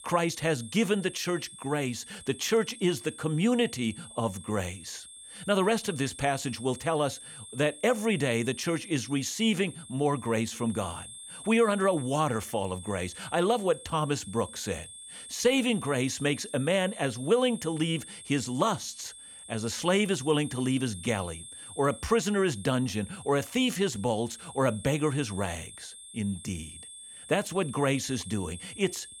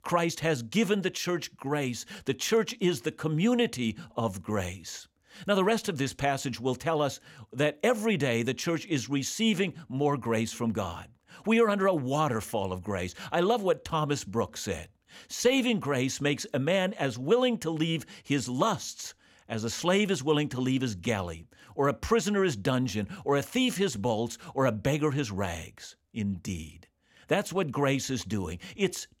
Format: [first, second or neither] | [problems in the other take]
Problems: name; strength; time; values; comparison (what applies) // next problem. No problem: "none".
second | high-pitched whine; noticeable; throughout; 8.5 kHz, 15 dB below the speech